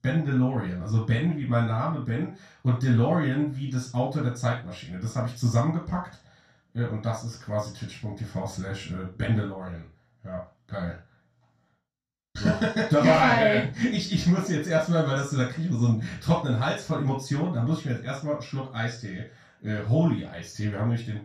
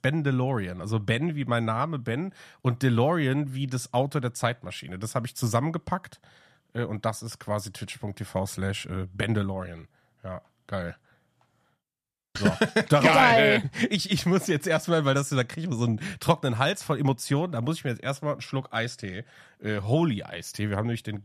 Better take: second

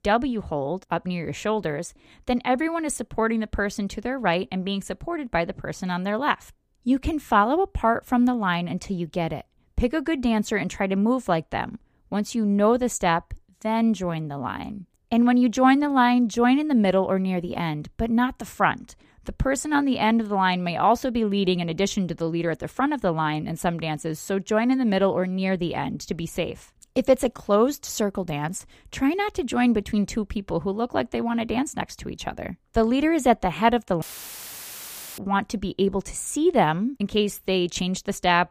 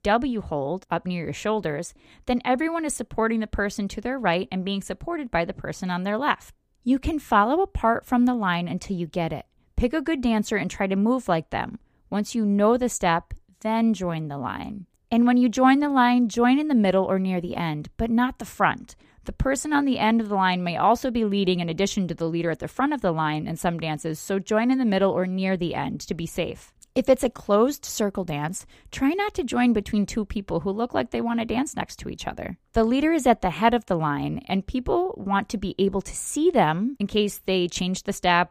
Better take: second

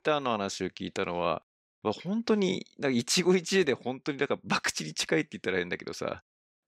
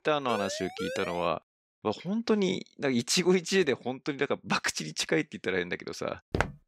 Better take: first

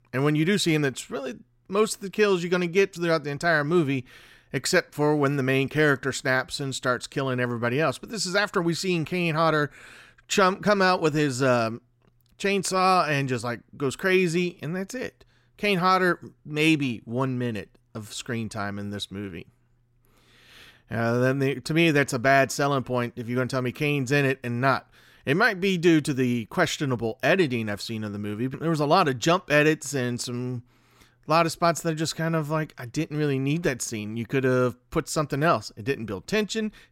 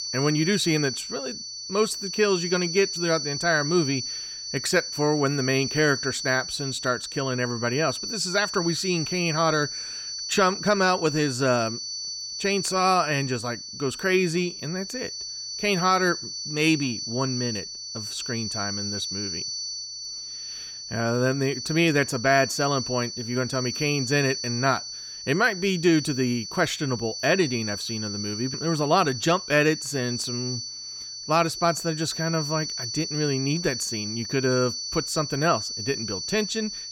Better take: first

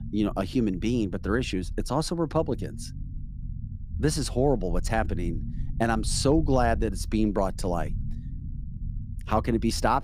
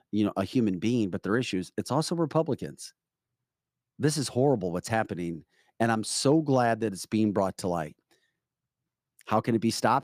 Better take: second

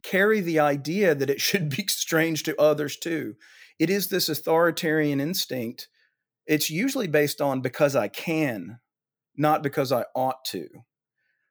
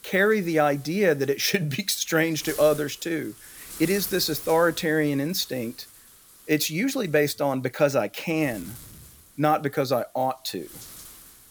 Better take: first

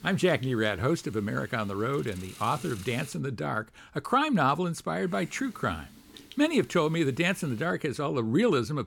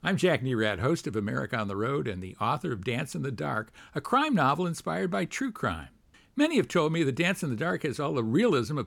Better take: second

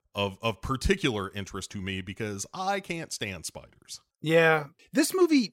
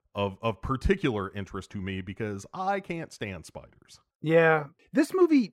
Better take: first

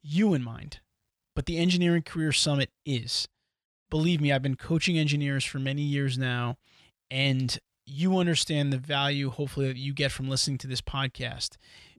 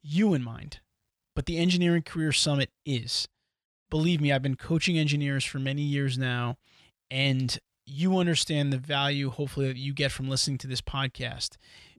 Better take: neither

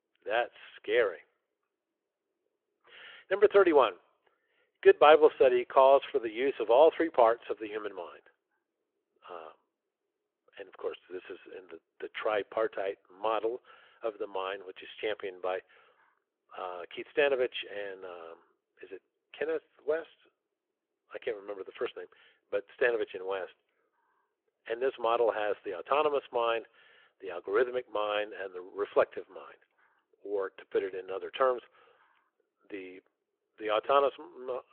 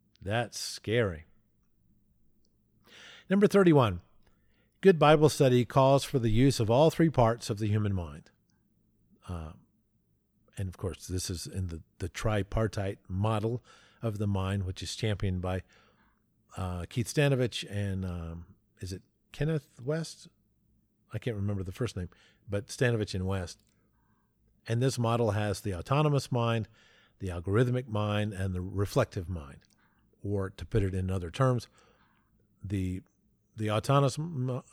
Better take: second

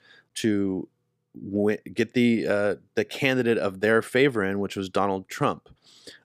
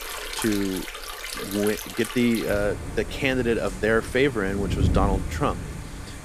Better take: first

